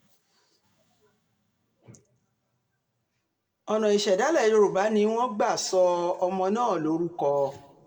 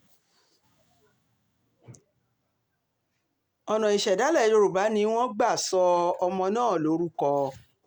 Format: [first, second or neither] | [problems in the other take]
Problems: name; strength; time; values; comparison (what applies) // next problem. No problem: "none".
second | room echo; dies away in 0.9 s